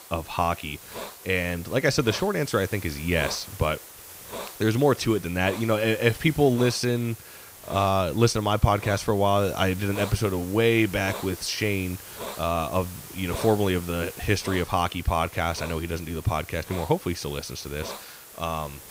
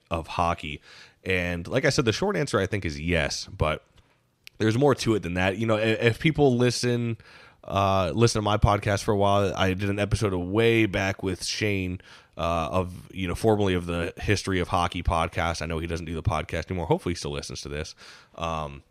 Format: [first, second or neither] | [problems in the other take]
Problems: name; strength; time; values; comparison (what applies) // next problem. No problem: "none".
second | hiss; noticeable; throughout; 15 dB below the speech